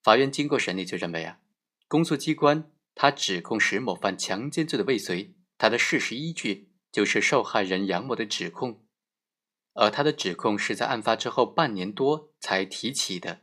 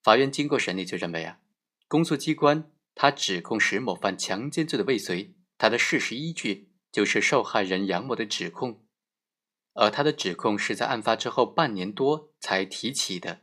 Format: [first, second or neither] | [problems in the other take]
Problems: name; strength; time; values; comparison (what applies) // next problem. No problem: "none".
neither | none